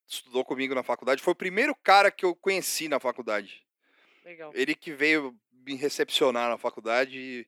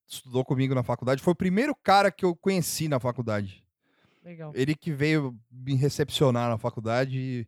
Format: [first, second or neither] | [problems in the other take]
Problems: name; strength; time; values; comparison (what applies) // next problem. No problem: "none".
second | thin; somewhat; fading below 300 Hz